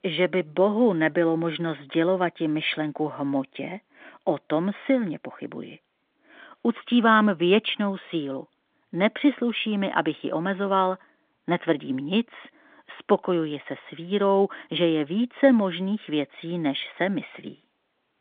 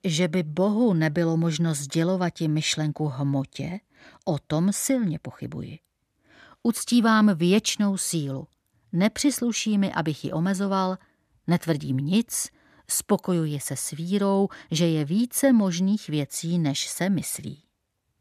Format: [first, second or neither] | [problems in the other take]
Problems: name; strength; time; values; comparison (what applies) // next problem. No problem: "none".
second | phone-call audio; nothing above 3.5 kHz